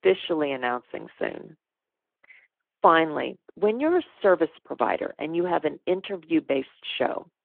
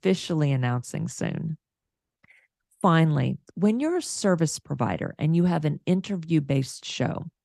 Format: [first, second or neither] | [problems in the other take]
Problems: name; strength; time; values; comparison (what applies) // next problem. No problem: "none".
second | phone-call audio; nothing above 3.5 kHz